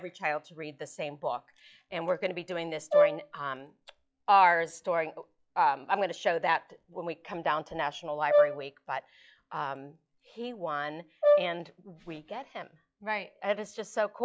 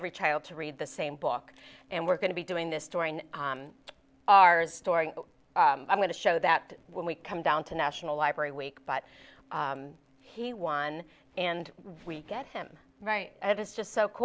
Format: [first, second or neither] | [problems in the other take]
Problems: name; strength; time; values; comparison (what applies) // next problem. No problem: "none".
second | noise reduction (classical method log-MMSE)